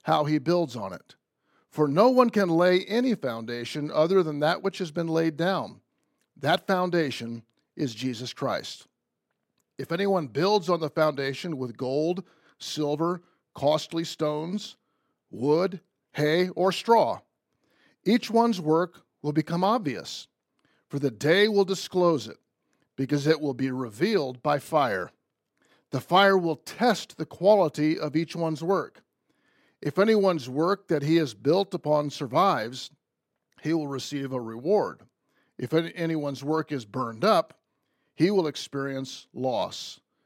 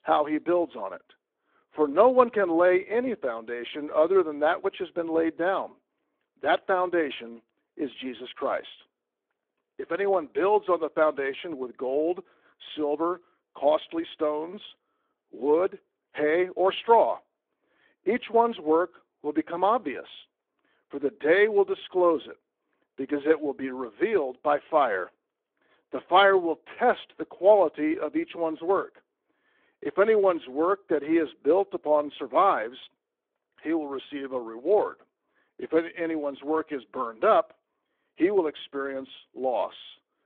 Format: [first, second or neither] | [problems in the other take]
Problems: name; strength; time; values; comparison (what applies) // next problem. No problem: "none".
first | phone-call audio; nothing above 3.5 kHz